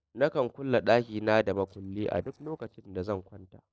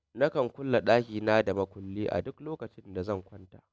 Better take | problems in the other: second | noise reduction (neural separator model SepFormer DNS4)

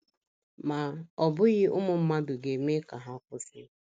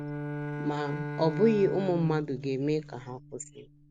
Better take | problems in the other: first | background sound (Bowed string instrument); 8 dB below the speech

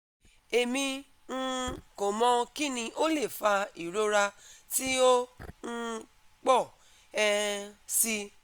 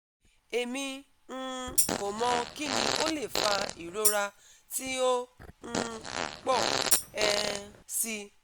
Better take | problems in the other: first | background sound (Fart + Tambourine); 2 dB above the speech

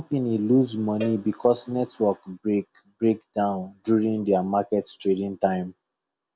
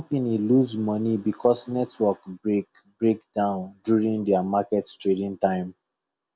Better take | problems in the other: second | background sound (Cowbell); 17 dB below the speech

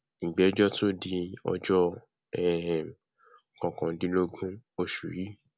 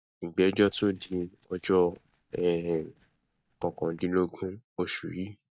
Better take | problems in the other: first | noise reduction (neural mask model DeepFilterNet 3)

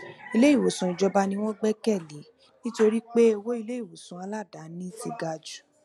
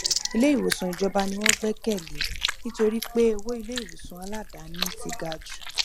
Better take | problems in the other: first | background sound (Chewing, mastication); 3 dB below the speech

